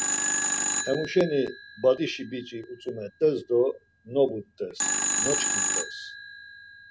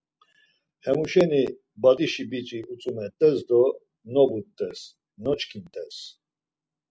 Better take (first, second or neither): second